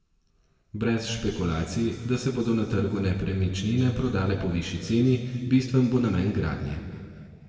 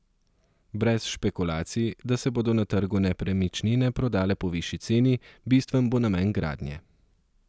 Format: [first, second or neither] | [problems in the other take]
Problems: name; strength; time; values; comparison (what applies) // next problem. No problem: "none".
second | room echo; dies away in 2.2 s